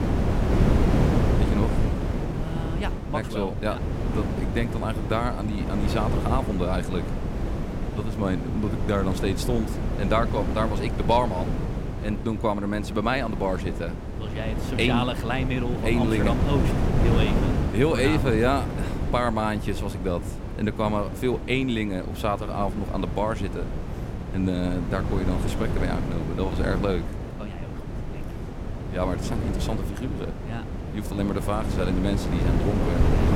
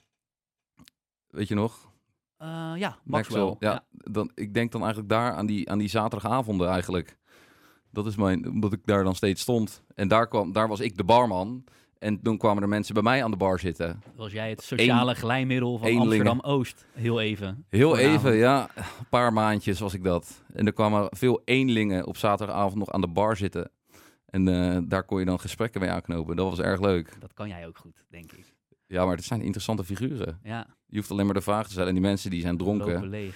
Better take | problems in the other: second | wind noise on the microphone; heavy; 6 dB below the speech

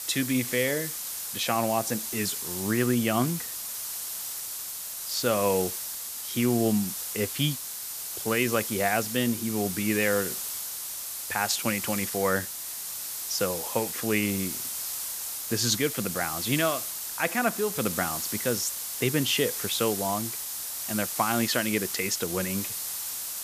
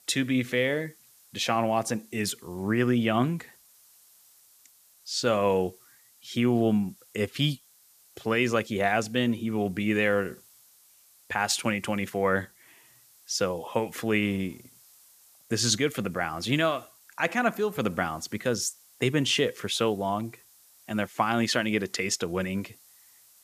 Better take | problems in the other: second | hiss; loud; throughout; 3 dB below the speech; faint in the second

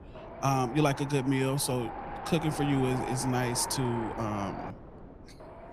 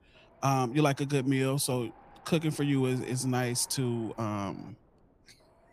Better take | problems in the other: second | wind noise on the microphone; heavy; 5 dB below the speech; occasional gusts in the second

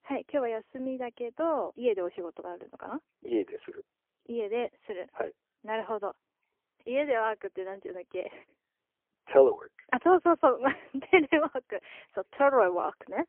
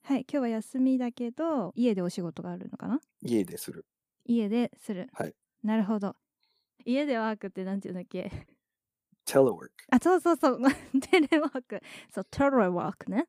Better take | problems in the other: second | phone-call audio; poor line; nothing above 3 kHz

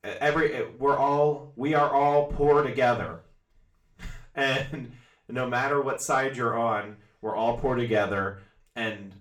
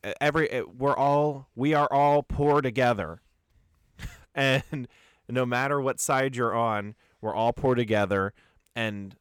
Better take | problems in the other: second | room echo; slight; dies away in 0.3 s // off-mic speech; far

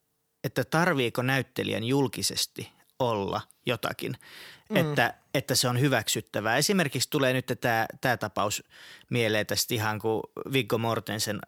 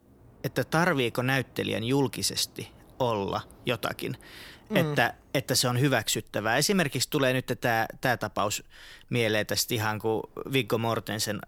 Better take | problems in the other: first | train or aircraft noise; faint; throughout; 30 dB below the speech

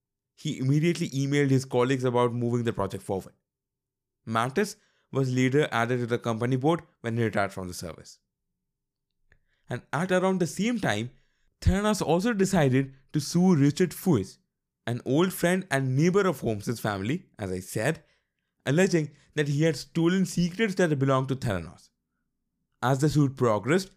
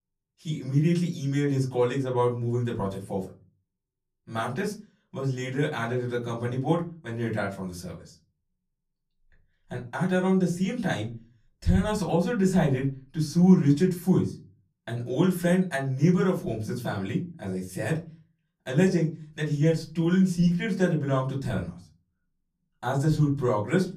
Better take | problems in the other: first | off-mic speech; far // room echo; very slight; dies away in 0.3 s

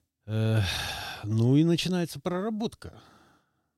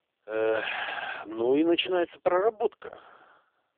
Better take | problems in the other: first | phone-call audio; poor line

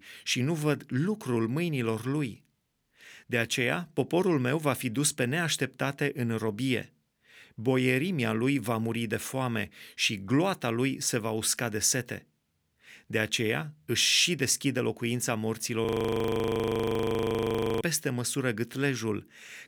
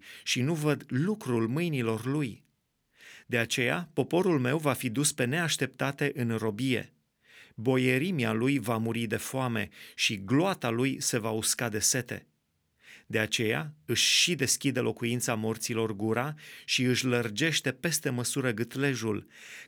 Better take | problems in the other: second | audio freezing; at 16 s for 2 s

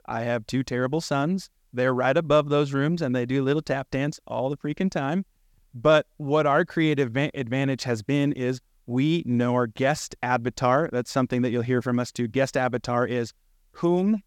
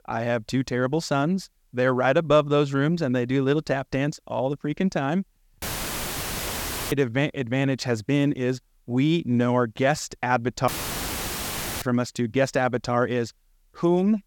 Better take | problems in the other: first | audio cutting out; filled with static; at 5.5 s for 1.5 s and at 11 s for 1 s

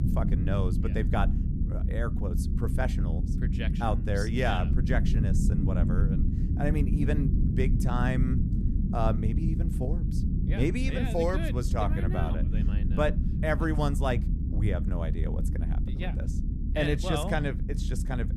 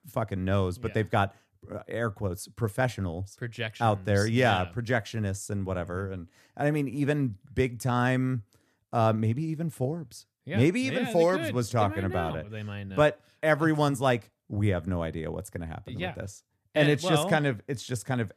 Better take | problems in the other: second | low rumble; loud; throughout; 7 dB below the speech

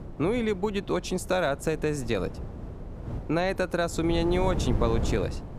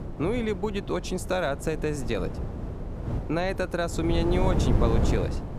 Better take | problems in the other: first | wind noise on the microphone; heavy; 7 dB below the speech; occasional gusts in the first

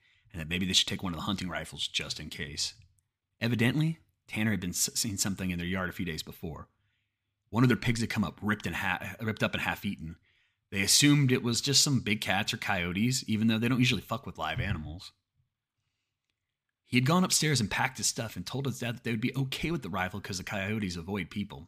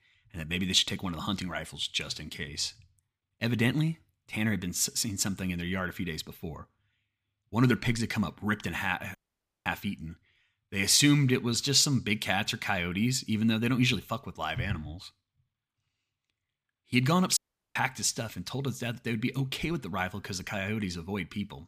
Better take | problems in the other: first | audio cutting out; at 9 s for 0.5 s and at 17 s

